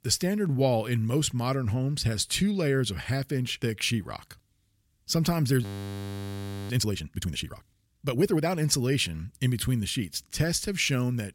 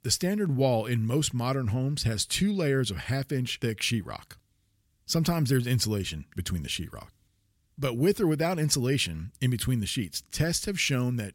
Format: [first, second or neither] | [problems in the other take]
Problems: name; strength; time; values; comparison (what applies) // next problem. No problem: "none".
second | audio freezing; at 5.5 s for 1 s